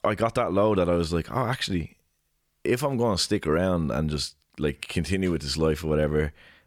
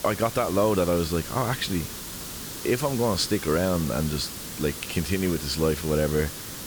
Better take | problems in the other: first | hiss; loud; throughout; 8 dB below the speech

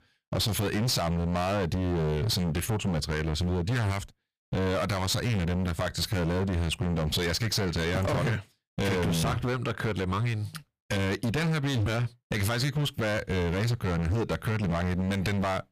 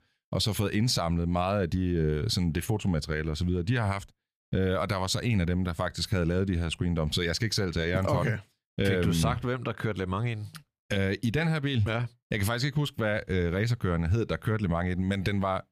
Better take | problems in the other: second | distortion; heavy; 29% of the sound clipped

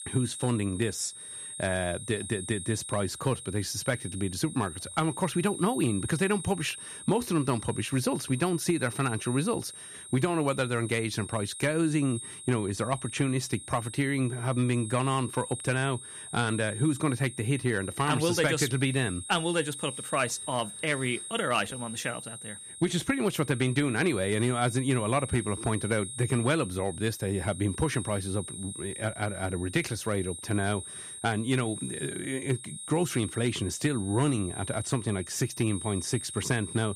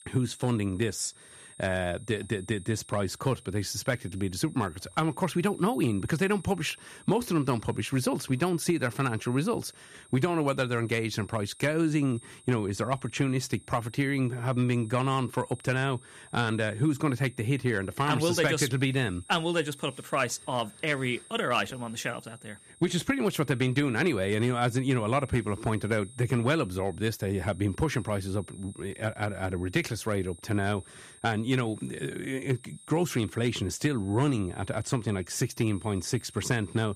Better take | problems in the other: second | high-pitched whine; loud; throughout; 8.5 kHz, 9 dB below the speech; faint in the second

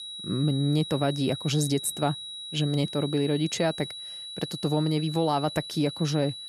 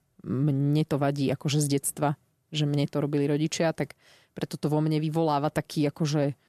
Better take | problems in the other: second | high-pitched whine; loud; throughout; 4 kHz, 9 dB below the speech

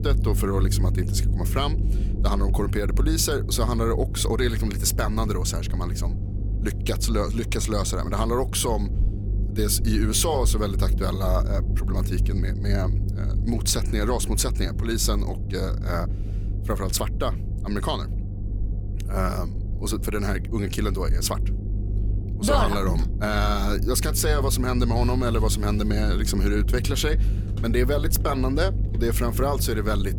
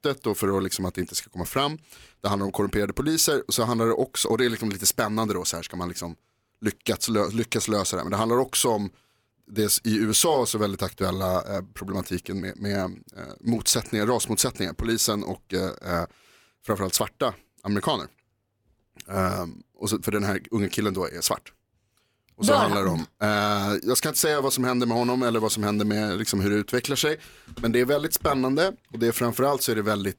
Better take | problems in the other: second | low rumble; noticeable; throughout; 15 dB below the speech

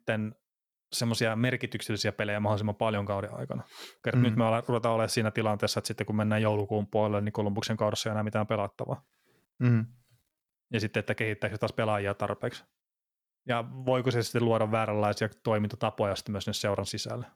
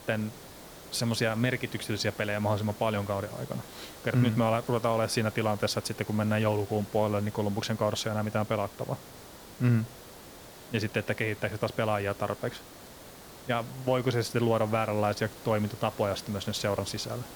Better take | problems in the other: first | hiss; noticeable; throughout; 15 dB below the speech

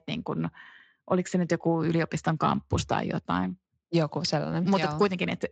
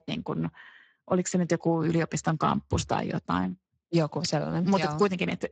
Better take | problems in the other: first | garbled, watery; badly; nothing above 7.5 kHz; slightly in the first

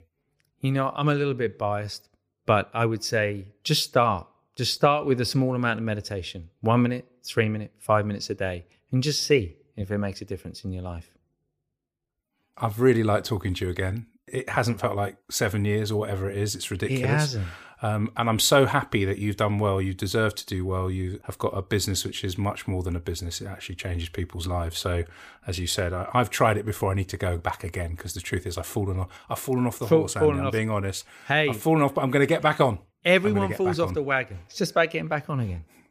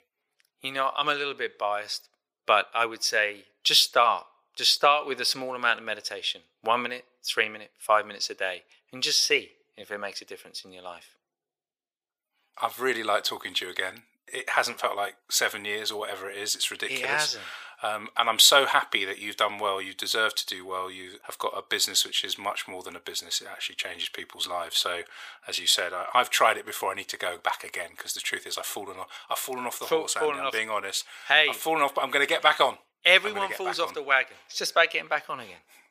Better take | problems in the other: first | thin; very; fading below 750 Hz

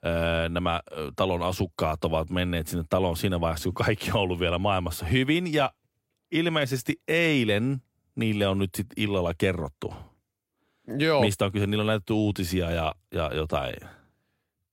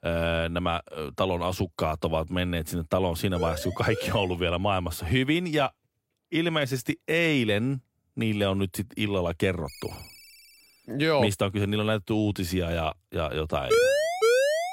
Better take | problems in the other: first | siren; noticeable; from 3.5 to 4.5 s; peak 8 dB below the speech // phone ringing; faint; from 9.5 to 11 s; peak 15 dB below the speech // siren; loud; from 14 s on; peak 6 dB above the speech

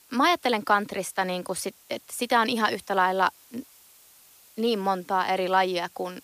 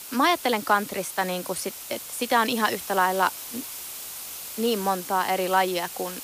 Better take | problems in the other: first | hiss; loud; throughout; 10 dB below the speech; faint in the first

